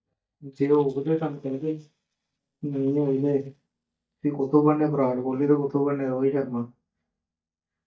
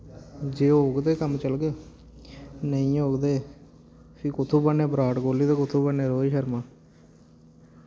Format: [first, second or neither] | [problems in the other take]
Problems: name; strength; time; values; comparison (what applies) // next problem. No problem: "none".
second | noise reduction (neural mask model DeepFilterNet 3)